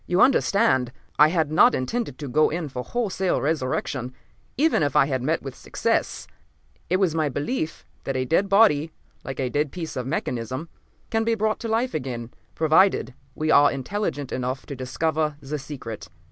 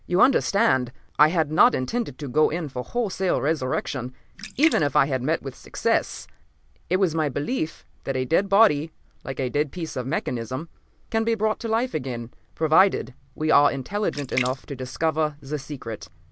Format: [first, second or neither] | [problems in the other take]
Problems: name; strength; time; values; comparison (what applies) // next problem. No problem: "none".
first | background sound (Splash, splatter); 13 dB below the speech